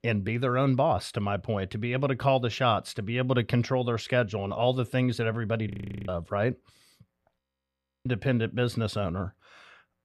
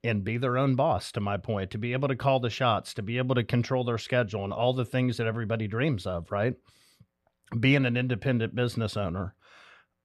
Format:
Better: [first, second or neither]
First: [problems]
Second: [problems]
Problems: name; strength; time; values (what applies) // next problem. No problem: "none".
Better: second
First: audio freezing; at 5.5 s and at 7.5 s for 0.5 s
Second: none